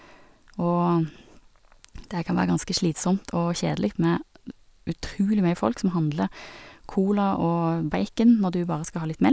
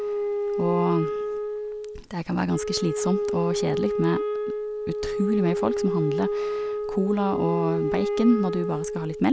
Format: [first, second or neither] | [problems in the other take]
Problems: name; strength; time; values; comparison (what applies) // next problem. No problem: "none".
first | background sound (Wind instrument, woodwind instrument); 1 dB below the speech